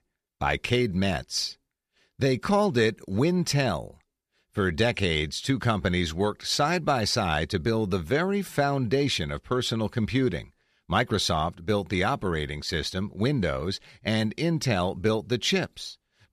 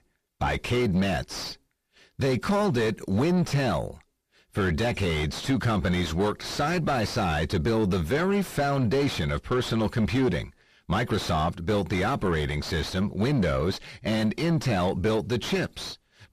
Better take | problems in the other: first | distortion; heavy; 4 dB below the speech

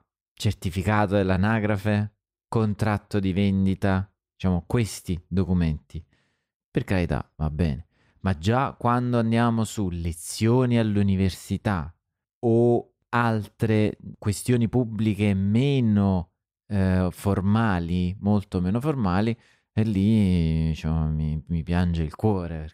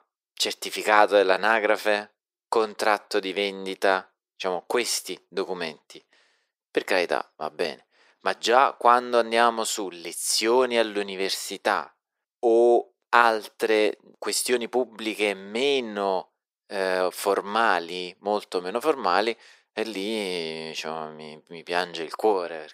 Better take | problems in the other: first | thin; very; fading below 400 Hz

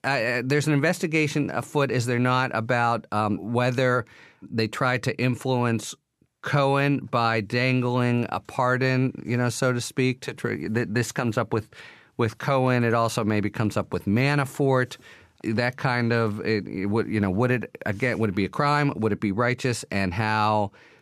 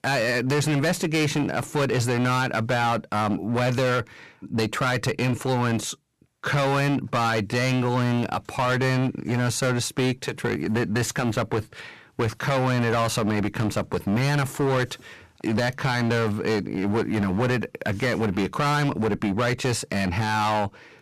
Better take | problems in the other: first | distortion; heavy; 18% of the sound clipped

